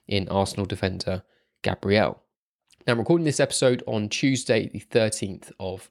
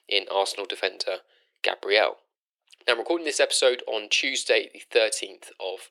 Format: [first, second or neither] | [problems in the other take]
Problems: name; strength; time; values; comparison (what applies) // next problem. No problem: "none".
first | thin; very; fading below 400 Hz